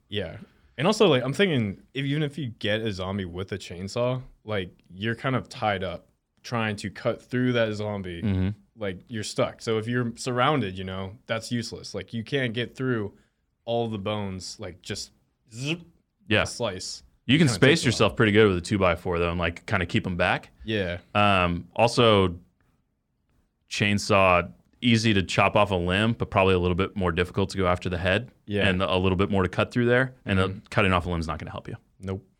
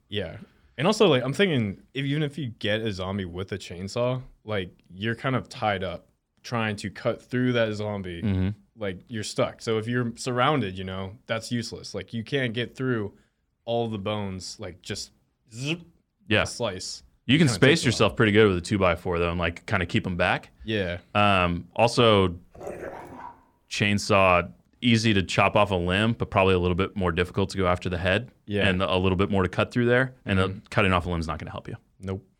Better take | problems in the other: first | dog barking; faint; at 23 s; peak 10 dB below the speech

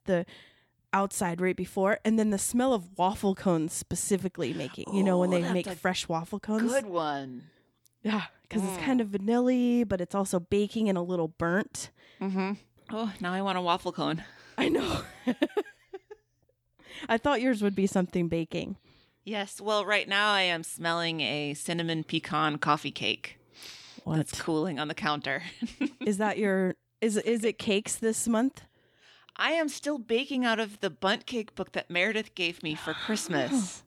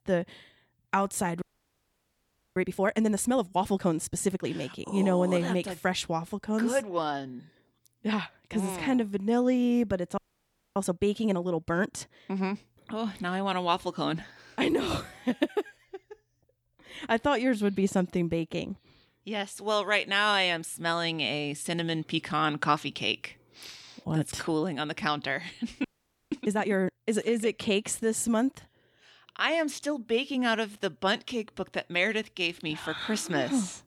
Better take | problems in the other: first | audio freezing; at 1.5 s for 1 s, at 10 s for 0.5 s and at 26 s

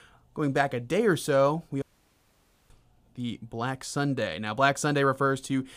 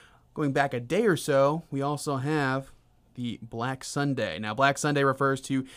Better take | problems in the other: second | audio cutting out; at 2 s for 1 s

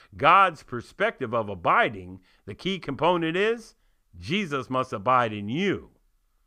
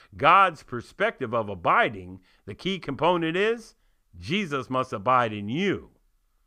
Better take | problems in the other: neither | none

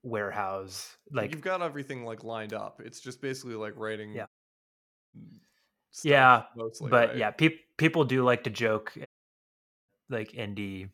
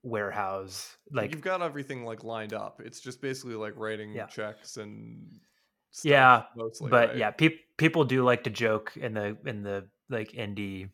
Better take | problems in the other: second | audio cutting out; at 4.5 s for 1 s and at 9 s for 1 s

